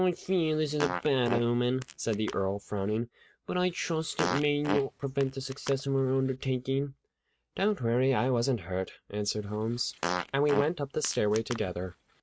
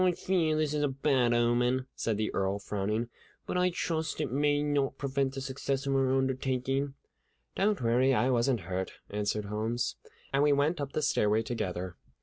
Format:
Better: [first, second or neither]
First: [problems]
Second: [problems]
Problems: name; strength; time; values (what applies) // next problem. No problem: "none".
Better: second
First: noise reduction (neural mask model RNNoise)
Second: none